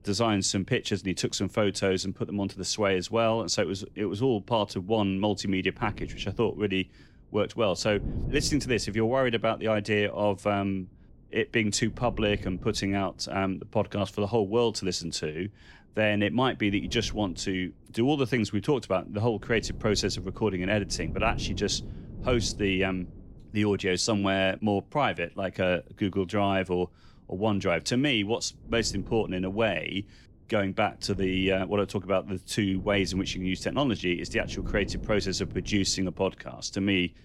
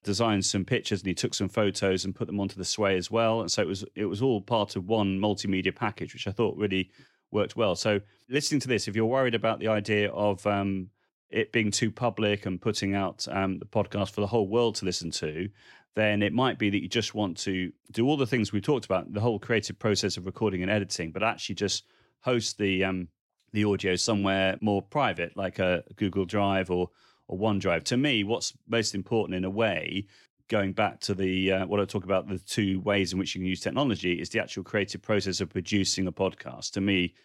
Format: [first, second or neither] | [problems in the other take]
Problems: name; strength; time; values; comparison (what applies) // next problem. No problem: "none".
second | wind noise on the microphone; occasional gusts; 20 dB below the speech